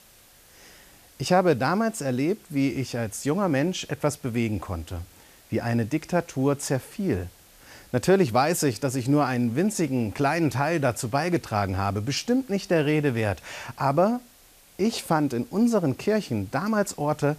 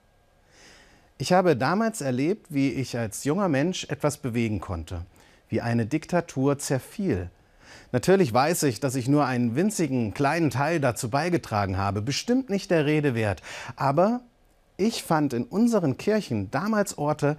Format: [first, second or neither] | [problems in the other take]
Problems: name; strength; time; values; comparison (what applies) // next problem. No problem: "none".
second | hiss; faint; throughout; 25 dB below the speech